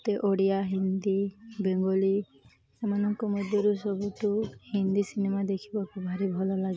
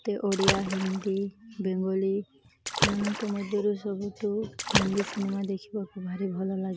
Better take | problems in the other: first | background sound (Water / Splash, splatter); 4 dB below the speech

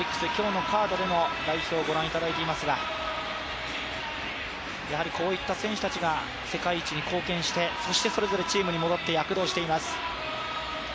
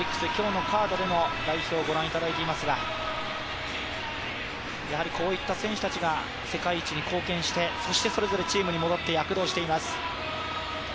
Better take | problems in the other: first | background sound (Mechanisms); 14 dB below the speech

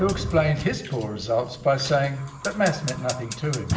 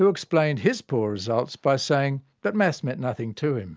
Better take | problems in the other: second | background sound (Fire); 9 dB below the speech // room echo; dies away in 0.7 s

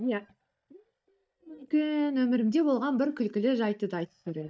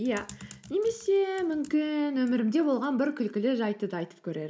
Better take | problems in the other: second | noise reduction (neural mask model DeepFilterNet 3)

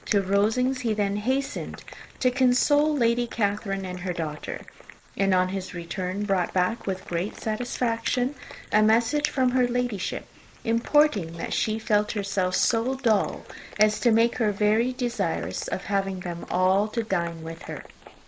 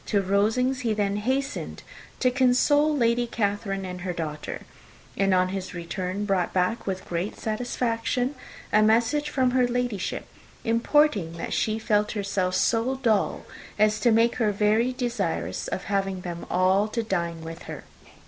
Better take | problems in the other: second | noise reduction (neural mask model Resemble Enhance denoiser)

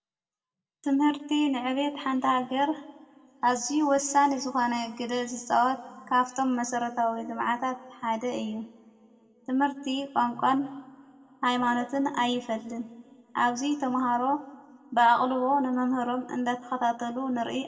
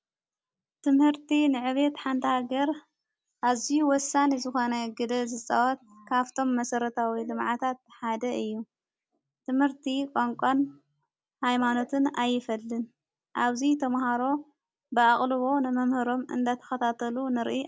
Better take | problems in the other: second | room echo; dies away in 1.2 s

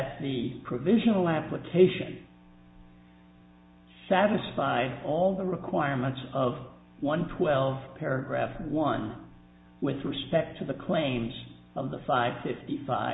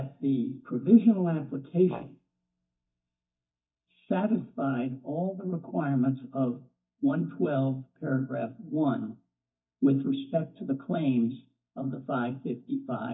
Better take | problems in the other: first | noise reduction (neural mask model DeepFilterNet 3)

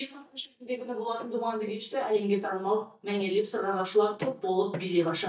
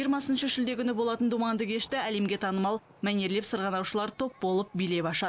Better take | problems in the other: second | noise reduction (neural mask model DeepFilterNet 3)

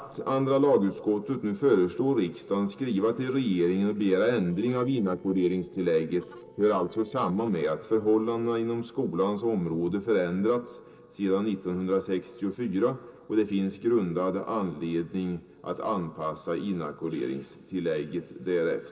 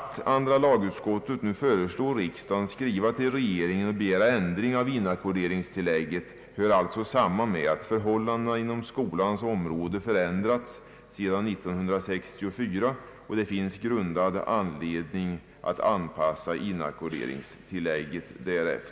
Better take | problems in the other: second | noise reduction (neural separator model SepFormer DNS4)

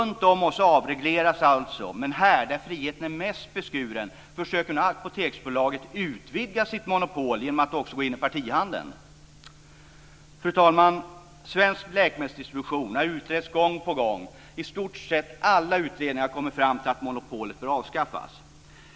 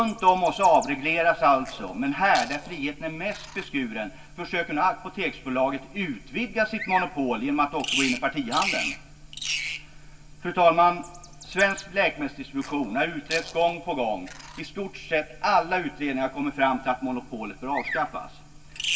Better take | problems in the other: first | background sound (Bird vocalization, bird call, bird song); 12 dB below the speech // room echo; dies away in 0.2 s

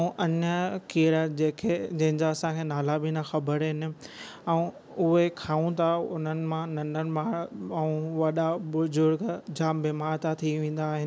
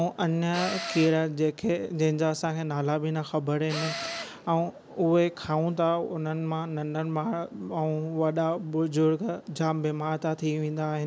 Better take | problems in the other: first | background sound (Tools); 10 dB below the speech

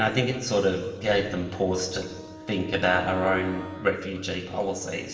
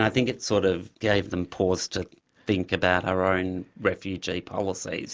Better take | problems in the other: second | background sound (Wind instrument, woodwind instrument); 18 dB below the speech // room echo; dies away in 1.4 s

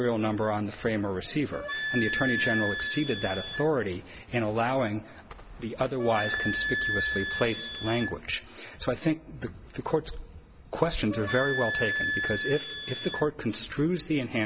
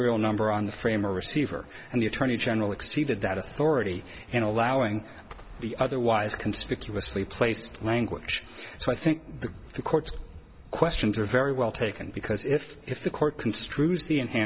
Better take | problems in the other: second | background sound (Wind instrument, woodwind instrument); 4 dB below the speech

